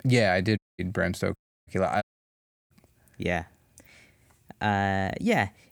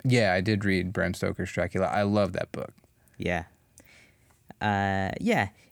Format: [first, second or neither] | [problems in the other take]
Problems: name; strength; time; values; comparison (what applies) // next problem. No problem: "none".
second | audio cutting out; at 0.5 s, at 1.5 s and at 2 s for 0.5 s